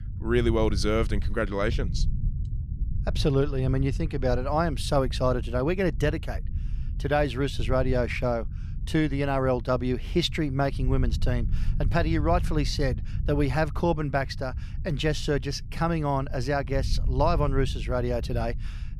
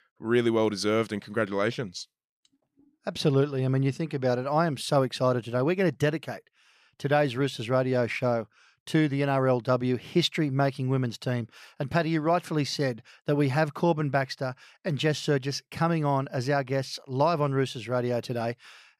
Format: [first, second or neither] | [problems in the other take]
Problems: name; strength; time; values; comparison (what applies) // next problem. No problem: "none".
second | low rumble; noticeable; throughout; 20 dB below the speech